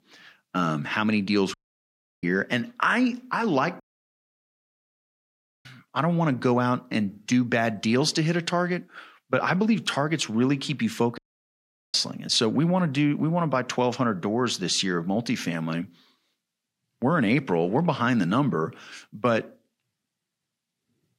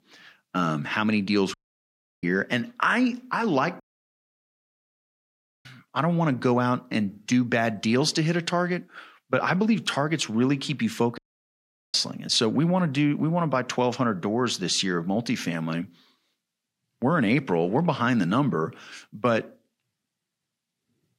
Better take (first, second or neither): neither